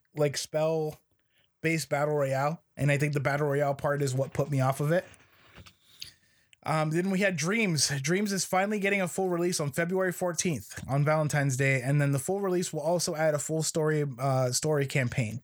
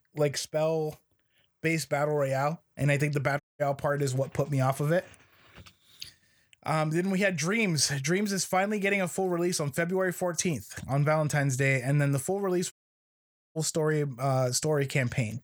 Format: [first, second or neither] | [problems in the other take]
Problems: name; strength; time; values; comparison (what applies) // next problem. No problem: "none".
first | audio cutting out; at 3.5 s and at 13 s for 1 s